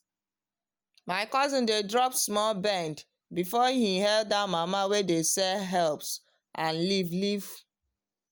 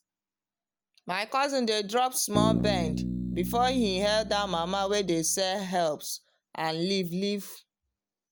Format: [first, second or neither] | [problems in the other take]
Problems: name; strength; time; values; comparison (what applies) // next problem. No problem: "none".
first | background sound (Bass guitar); 3 dB below the speech